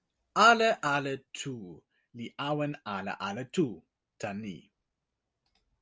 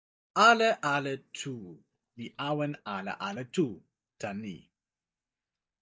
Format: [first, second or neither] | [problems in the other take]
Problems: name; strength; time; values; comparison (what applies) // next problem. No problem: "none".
first | noise reduction (neural mask model DeepFilterNet 3)